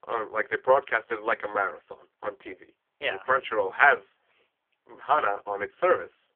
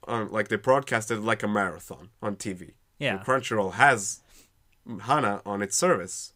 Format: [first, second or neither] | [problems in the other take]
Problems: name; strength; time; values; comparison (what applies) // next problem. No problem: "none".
second | phone-call audio; poor line; nothing above 3.5 kHz